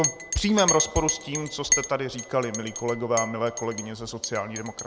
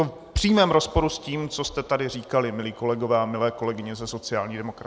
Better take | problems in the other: second | background sound (Chink, clink); 4 dB below the speech

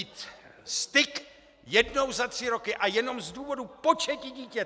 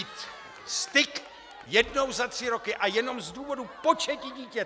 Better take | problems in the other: first | background sound (Cheering); 18 dB below the speech

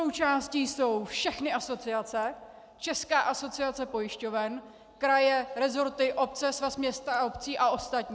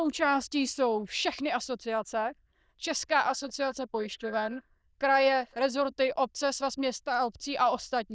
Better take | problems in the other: first | noise reduction (neural diffusion model UNIVERSE++)

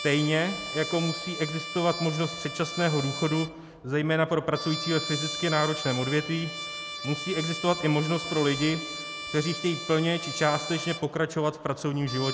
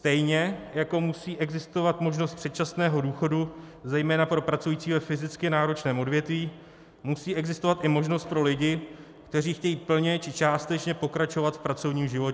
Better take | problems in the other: second | background sound (Trumpet); 8 dB below the speech

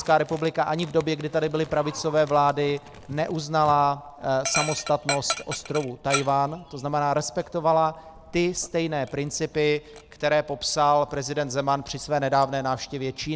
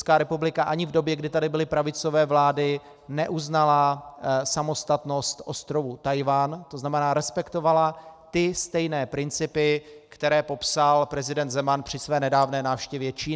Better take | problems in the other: second | background sound (Dog); 13 dB below the speech

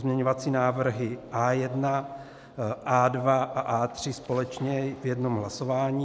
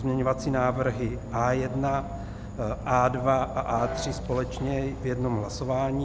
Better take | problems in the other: first | background sound (Piano + Insect / Frog); 9 dB below the speech

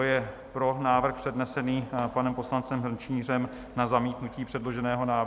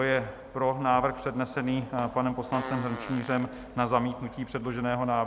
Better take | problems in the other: first | background sound (Fart); 14 dB below the speech

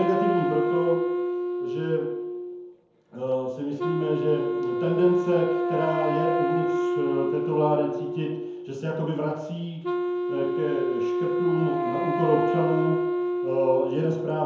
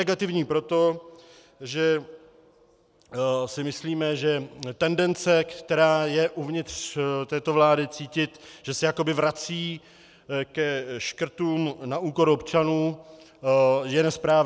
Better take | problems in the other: second | background sound (Wind instrument, woodwind instrument); 1 dB above the speech // room echo; dies away in 0.9 s

